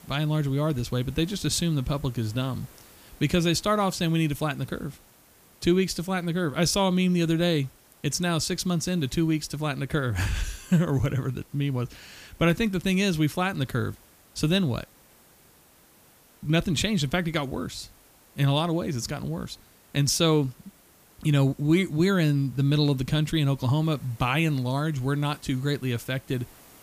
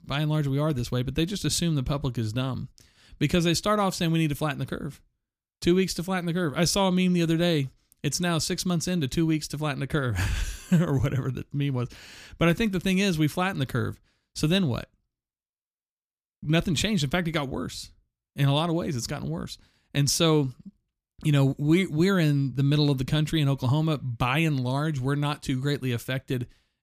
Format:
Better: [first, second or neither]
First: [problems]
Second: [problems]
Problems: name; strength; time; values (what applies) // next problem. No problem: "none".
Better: second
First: hiss; faint; throughout; 25 dB below the speech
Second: none